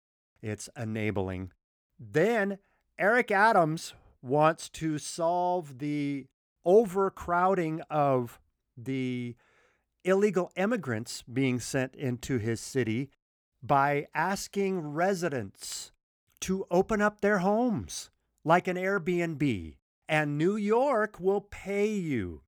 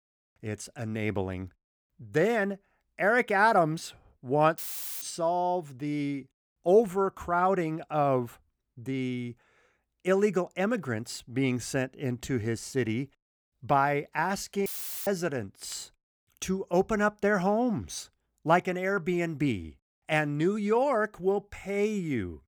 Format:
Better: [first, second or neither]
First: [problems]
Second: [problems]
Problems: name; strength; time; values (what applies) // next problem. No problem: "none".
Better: first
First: none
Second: audio cutting out; filled with static; at 4.5 s and at 15 s